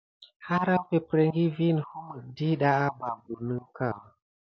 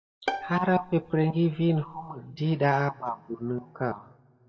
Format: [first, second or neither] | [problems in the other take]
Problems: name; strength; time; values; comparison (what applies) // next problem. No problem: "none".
first | background sound (Bowed string instrument); 11 dB below the speech // room echo; dies away in 2.2 s